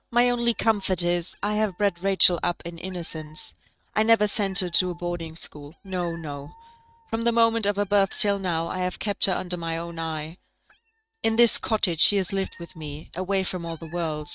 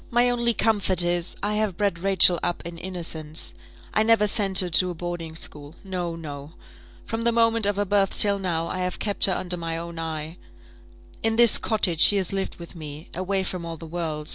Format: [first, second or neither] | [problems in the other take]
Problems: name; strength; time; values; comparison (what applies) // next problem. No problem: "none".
second | noise reduction (neural mask model RNNoise)